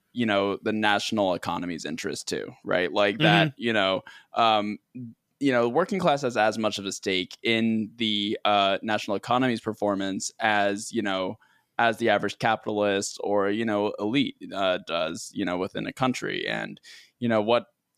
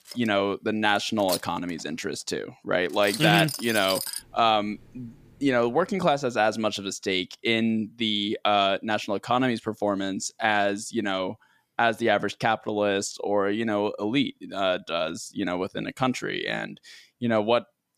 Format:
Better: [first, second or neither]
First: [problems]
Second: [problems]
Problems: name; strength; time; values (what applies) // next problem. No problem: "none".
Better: first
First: none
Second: household noises; loud; until 6 s; 8 dB below the speech